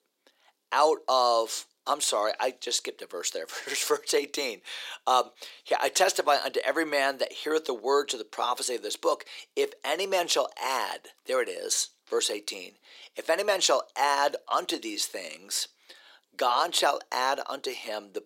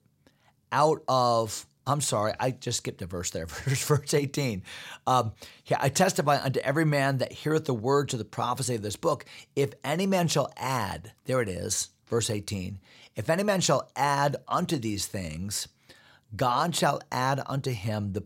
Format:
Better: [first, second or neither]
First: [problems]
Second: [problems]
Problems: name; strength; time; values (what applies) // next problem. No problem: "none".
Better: second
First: thin; very; fading below 350 Hz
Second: none